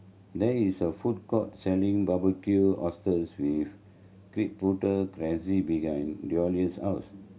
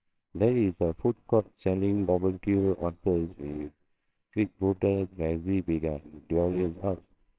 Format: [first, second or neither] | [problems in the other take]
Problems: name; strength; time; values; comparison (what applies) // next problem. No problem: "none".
first | noise reduction (neural separator model SepFormer WHAMR!)